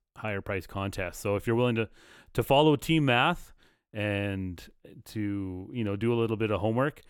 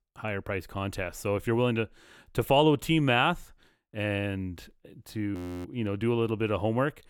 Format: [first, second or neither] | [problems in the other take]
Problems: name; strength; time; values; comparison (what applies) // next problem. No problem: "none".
first | audio freezing; at 5.5 s